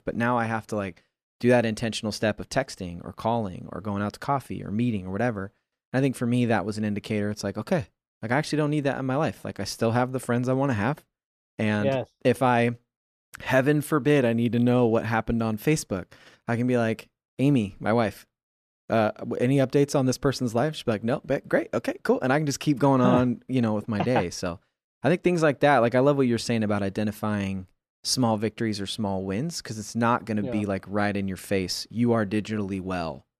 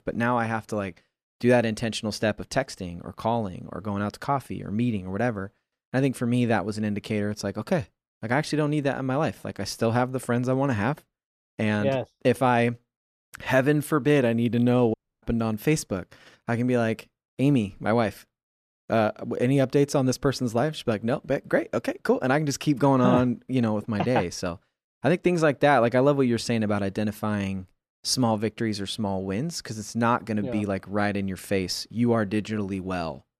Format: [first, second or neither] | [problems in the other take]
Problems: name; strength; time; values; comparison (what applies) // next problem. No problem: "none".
first | audio cutting out; at 15 s